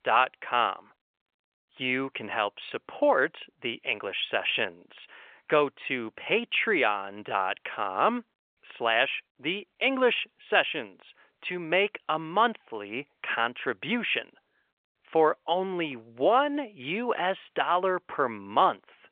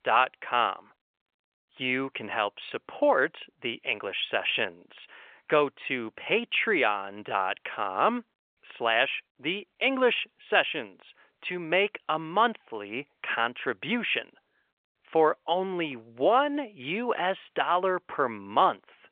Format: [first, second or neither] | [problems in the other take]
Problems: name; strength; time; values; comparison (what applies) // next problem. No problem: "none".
neither | phone-call audio; nothing above 3.5 kHz; the same in both